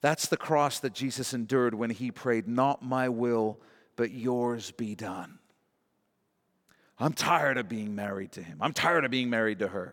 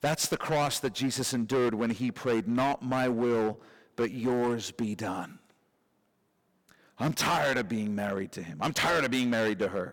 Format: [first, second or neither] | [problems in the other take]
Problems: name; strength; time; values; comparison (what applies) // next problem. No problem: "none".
first | distortion; heavy; 10% of the sound clipped